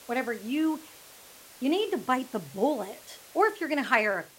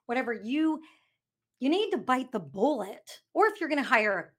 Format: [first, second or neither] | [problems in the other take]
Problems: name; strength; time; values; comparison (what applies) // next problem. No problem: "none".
second | hiss; faint; throughout; 20 dB below the speech